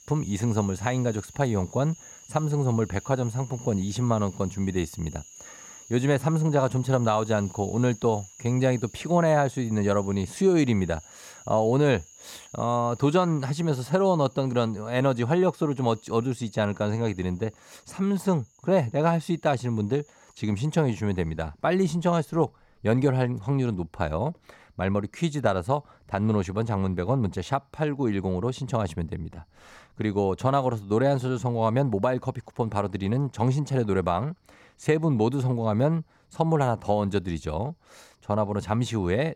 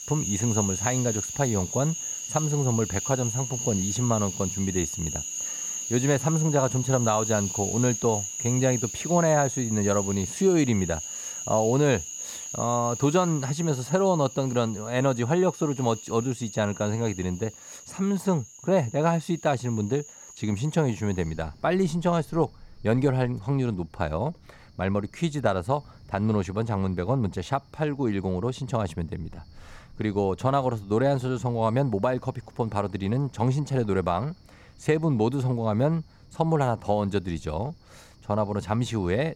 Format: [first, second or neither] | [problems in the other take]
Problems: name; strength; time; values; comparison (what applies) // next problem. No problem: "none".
first | animal sounds; loud; throughout; 6 dB below the speech; faint in the first